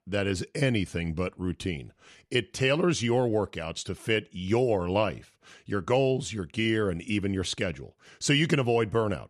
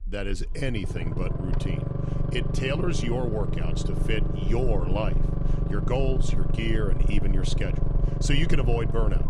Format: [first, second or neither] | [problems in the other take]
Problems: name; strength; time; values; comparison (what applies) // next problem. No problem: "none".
first | low rumble; loud; throughout; 5 dB below the speech